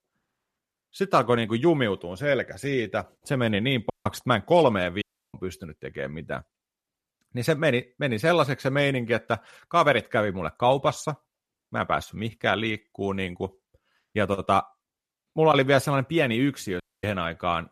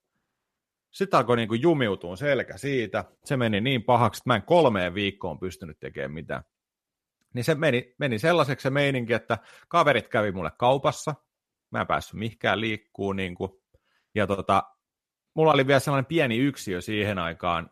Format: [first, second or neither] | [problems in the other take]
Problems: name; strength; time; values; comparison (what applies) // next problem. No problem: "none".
second | audio cutting out; at 4 s, at 5 s and at 17 s